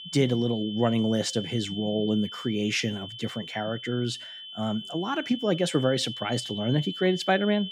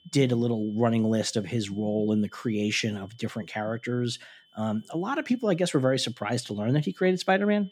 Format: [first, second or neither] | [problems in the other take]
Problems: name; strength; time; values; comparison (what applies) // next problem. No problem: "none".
second | high-pitched whine; loud; throughout; 3 kHz, 10 dB below the speech; faint in the second